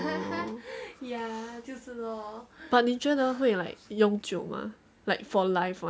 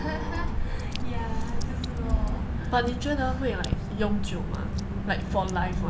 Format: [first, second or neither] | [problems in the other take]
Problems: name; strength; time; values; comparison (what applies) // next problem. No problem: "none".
first | background sound (Drip / Water); 4 dB above the speech // room echo; dies away in 0.7 s